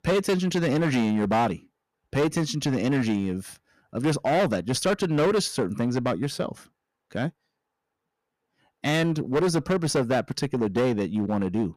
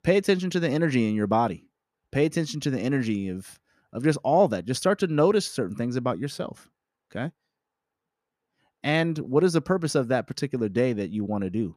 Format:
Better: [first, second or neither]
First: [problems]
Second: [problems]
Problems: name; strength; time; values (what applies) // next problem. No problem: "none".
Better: second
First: distortion; heavy; 12% of the sound clipped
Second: none